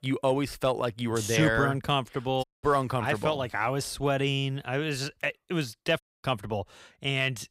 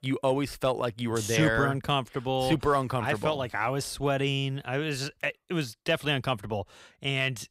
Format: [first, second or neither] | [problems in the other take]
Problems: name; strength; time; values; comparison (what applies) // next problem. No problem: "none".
second | audio cutting out; at 2.5 s and at 6 s